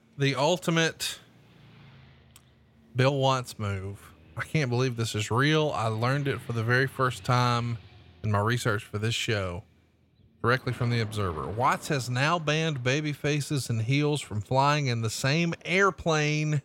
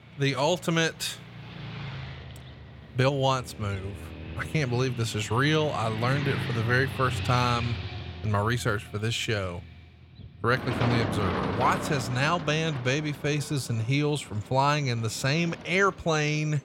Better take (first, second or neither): first